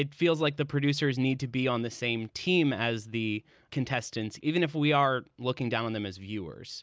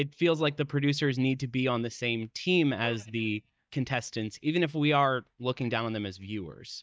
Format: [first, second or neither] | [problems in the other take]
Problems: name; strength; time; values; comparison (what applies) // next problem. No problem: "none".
first | noise reduction (neural mask model DeepFilterNet 3)